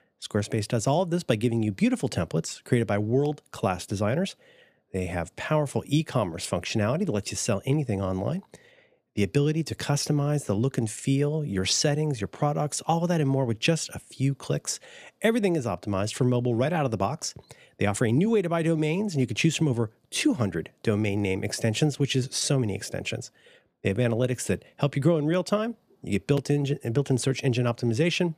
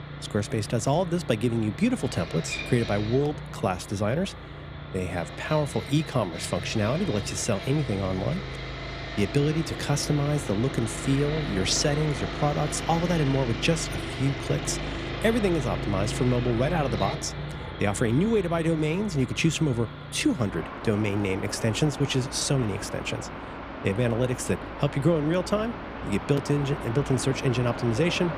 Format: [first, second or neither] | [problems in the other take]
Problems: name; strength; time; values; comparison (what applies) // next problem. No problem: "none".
first | machinery noise; loud; throughout; 8 dB below the speech